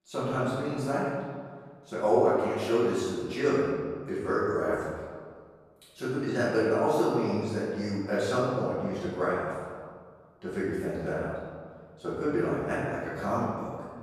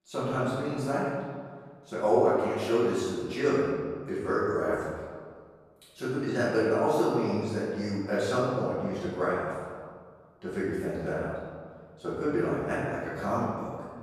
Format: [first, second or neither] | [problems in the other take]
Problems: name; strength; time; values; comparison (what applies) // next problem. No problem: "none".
neither | room echo; strong; dies away in 1.6 s; the same in both // off-mic speech; far; the same in both